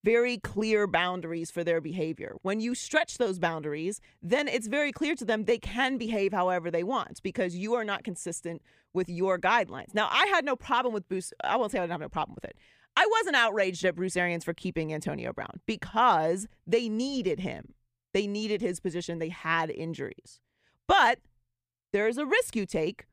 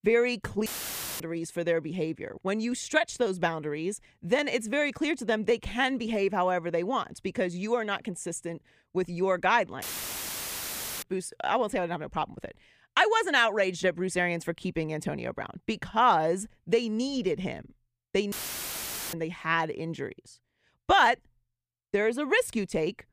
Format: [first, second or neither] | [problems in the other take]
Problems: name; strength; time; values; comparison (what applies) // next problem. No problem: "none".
first | audio cutting out; filled with static; at 0.5 s for 0.5 s, at 10 s for 1 s and at 18 s for 1 s